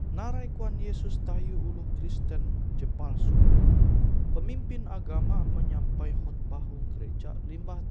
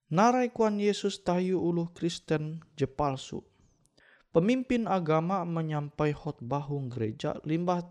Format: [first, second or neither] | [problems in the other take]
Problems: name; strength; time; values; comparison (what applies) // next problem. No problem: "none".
second | wind noise on the microphone; heavy; 3 dB above the speech